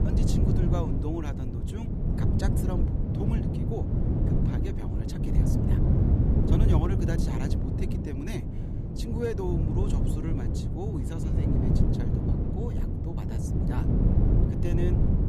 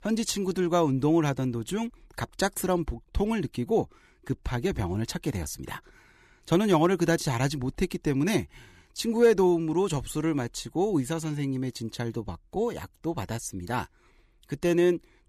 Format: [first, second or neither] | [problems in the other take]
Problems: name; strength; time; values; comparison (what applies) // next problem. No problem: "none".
second | wind noise on the microphone; heavy; 3 dB above the speech